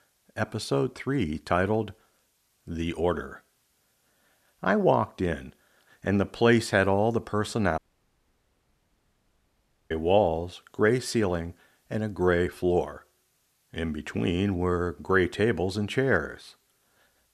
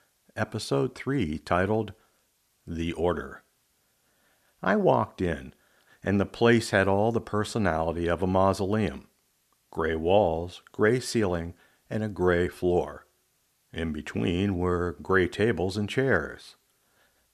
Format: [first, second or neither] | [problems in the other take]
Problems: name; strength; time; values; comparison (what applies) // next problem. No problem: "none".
second | audio cutting out; at 8 s for 2 s